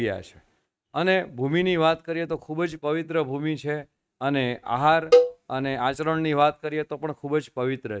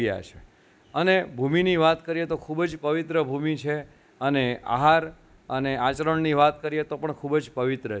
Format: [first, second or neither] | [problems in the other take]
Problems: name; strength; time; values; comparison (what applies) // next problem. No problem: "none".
second | noise reduction (neural mask model RNNoise)